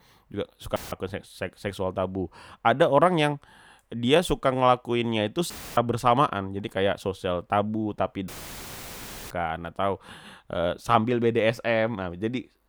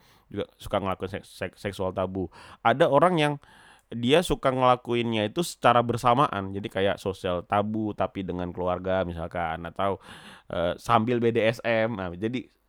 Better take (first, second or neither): second